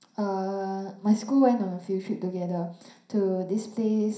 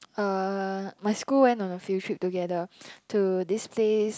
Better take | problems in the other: second | room echo; dies away in 0.5 s

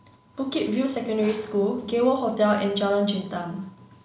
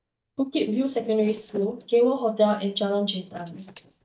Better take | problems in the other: first | noise reduction (neural mask model DeepFilterNet 3)

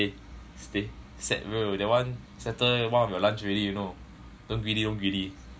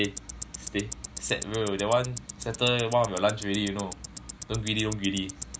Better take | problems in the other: first | background sound (Tick-tock); 12 dB below the speech

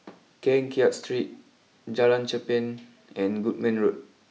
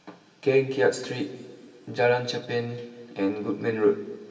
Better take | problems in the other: first | room echo; dies away in 1.9 s

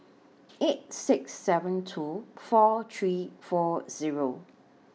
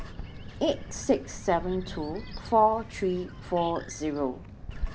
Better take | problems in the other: first | background sound (Bird); 10 dB below the speech

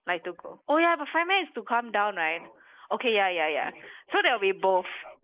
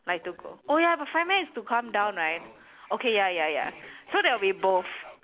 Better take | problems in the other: second | noise reduction (neural mask model Resemble Enhance denoiser)

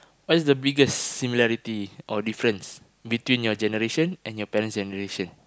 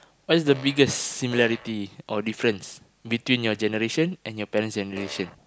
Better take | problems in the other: first | background sound (Fart); 16 dB below the speech

